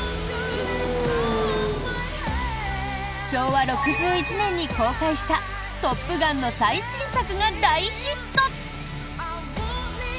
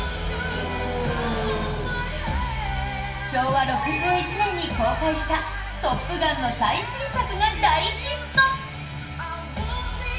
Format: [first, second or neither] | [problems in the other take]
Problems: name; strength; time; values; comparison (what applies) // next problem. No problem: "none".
first | room echo; dies away in 0.8 s